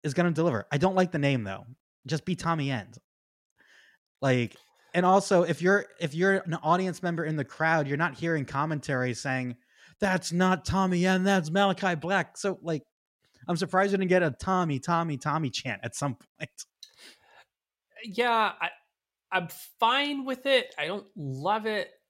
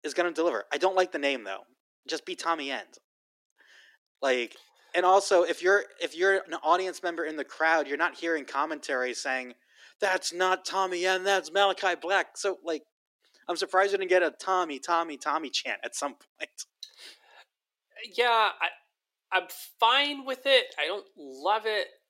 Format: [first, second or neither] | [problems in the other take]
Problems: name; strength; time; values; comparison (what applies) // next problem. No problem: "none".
first | thin; very; fading below 300 Hz